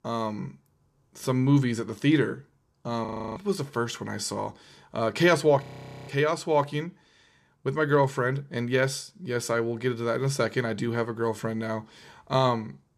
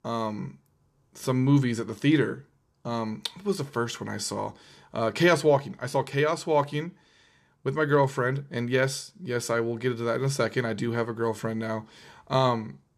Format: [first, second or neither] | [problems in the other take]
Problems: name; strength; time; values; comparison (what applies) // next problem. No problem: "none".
second | audio freezing; at 3 s and at 5.5 s